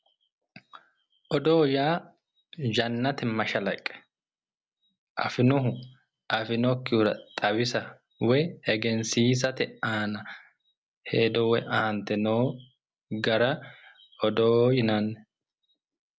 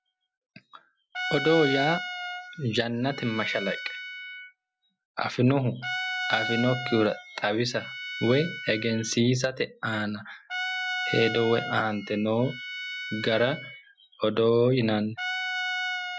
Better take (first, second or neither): first